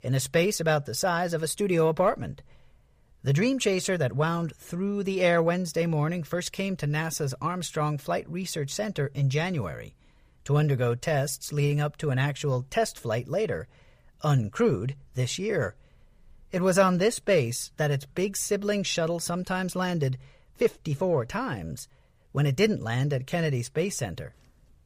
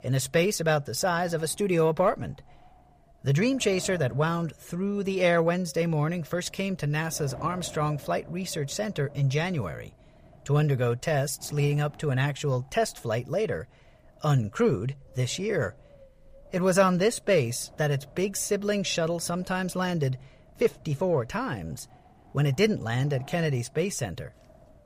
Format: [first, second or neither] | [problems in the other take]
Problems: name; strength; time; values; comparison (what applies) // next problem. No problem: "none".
first | wind noise on the microphone; occasional gusts; 25 dB below the speech